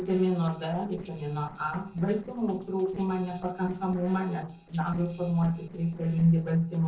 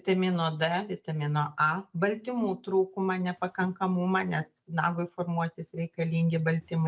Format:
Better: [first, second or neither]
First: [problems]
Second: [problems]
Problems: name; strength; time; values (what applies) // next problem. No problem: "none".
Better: second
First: noise reduction (neural separator model SepFormer DNS4)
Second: none